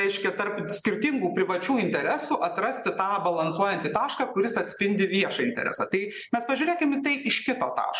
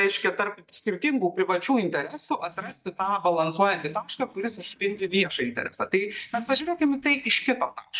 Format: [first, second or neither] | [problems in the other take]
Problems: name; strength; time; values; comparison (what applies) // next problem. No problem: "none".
first | noise reduction (neural mask model DeepFilterNet 3)